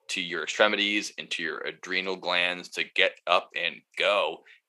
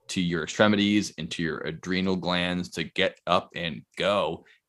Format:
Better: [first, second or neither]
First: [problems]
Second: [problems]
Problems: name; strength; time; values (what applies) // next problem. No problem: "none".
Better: second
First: thin; somewhat; fading below 500 Hz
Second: none